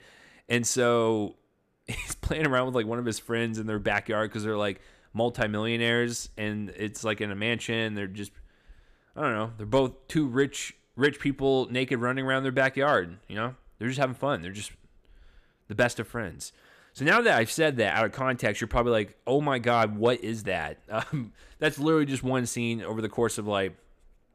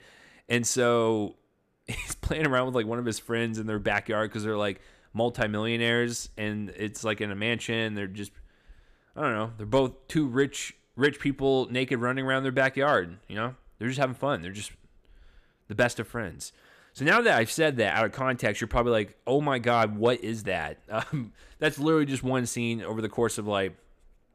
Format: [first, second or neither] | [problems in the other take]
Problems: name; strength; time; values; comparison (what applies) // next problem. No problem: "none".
neither | none